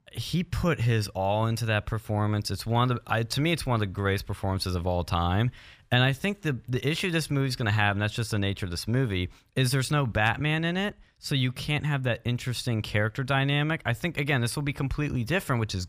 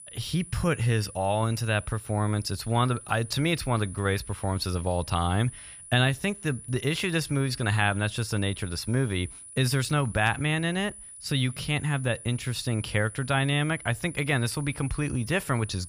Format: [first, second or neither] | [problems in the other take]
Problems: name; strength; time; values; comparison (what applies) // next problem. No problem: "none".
first | high-pitched whine; noticeable; throughout; 10 kHz, 15 dB below the speech